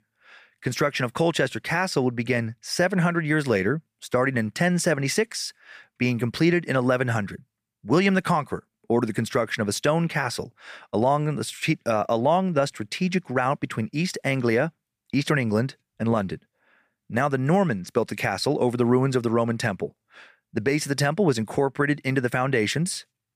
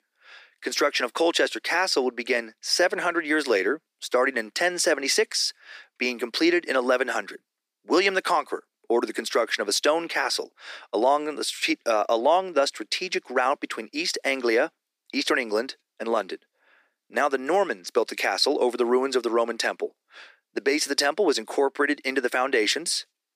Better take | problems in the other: first | thin; somewhat; fading below 300 Hz

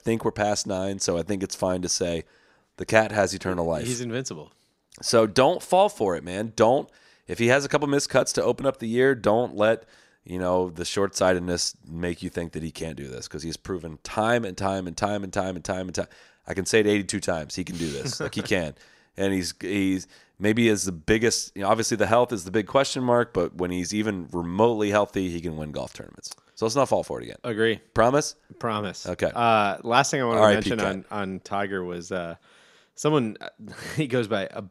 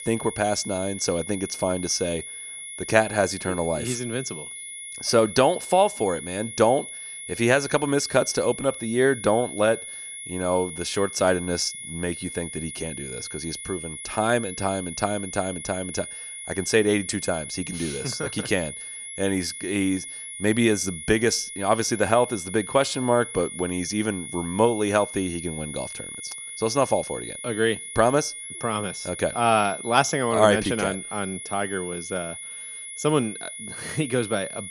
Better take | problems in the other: first | high-pitched whine; loud; throughout; 10.5 kHz, 9 dB below the speech

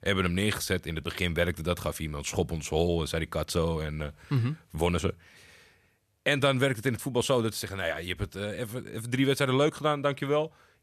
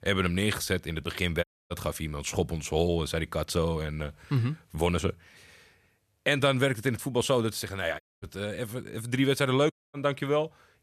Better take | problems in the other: first | audio cutting out; at 1.5 s, at 8 s and at 9.5 s

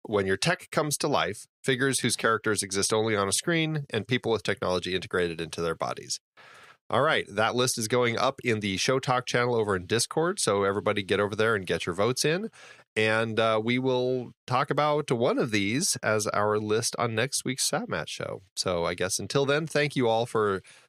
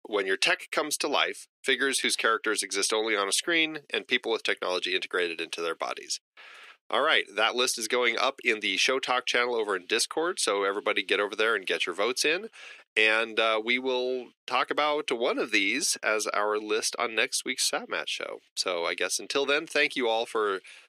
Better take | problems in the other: first | thin; somewhat; fading below 300 Hz

